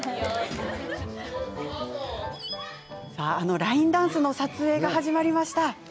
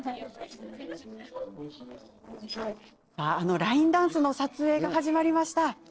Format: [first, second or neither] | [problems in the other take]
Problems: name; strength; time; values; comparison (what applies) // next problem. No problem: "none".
first | noise reduction (neural separator model SepFormer DNS4)